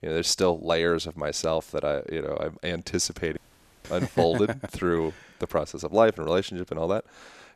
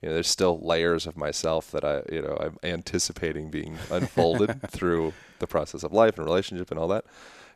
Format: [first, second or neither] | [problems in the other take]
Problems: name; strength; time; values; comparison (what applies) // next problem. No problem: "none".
second | audio cutting out; at 3.5 s